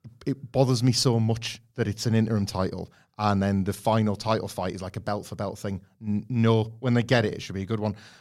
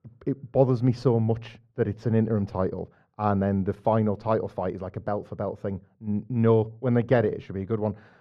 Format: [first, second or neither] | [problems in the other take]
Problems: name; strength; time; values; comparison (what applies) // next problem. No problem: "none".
first | muffled; very; fading above 3.5 kHz